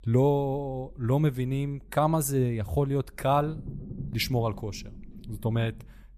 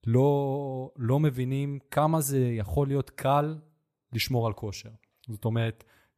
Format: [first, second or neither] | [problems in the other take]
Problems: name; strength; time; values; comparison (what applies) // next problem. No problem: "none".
second | low rumble; faint; throughout; 25 dB below the speech